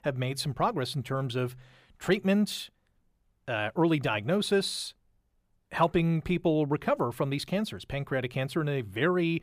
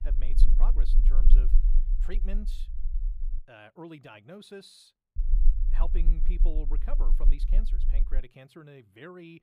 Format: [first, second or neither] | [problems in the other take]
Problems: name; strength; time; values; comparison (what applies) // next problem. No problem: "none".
first | low rumble; loud; until 3.5 s and from 5 to 8 s; 8 dB below the speech